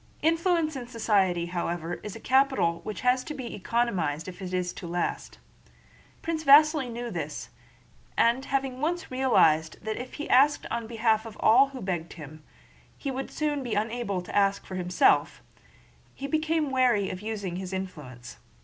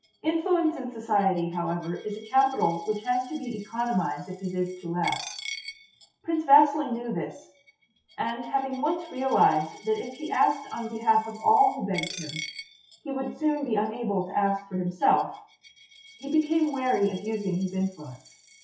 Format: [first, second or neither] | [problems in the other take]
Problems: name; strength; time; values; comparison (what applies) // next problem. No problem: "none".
first | noise reduction (classical method WPE with log-MMSE)